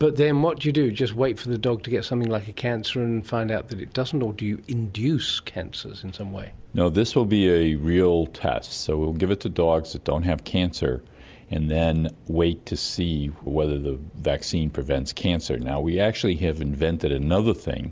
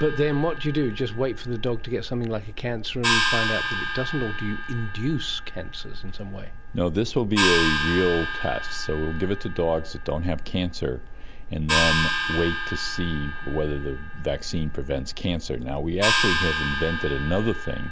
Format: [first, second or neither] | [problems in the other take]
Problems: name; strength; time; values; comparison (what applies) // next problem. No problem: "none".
first | background sound (Gong); 1 dB below the speech